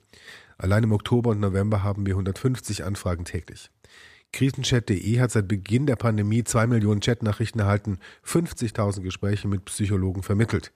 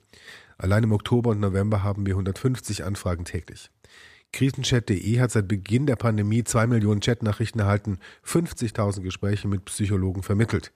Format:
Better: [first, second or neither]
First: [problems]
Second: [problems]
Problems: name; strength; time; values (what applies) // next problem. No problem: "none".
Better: neither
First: none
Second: none